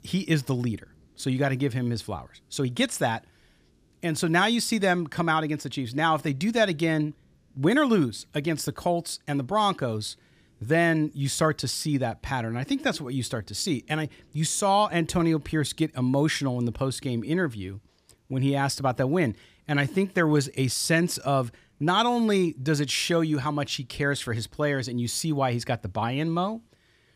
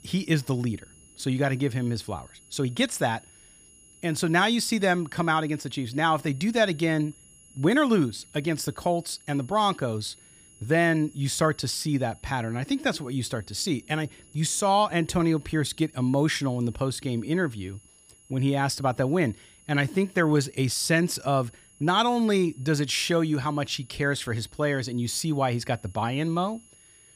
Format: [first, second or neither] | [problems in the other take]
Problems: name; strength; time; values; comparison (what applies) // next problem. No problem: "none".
first | high-pitched whine; faint; throughout; 11 kHz, 25 dB below the speech